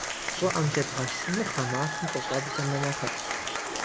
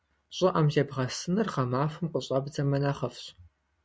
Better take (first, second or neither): second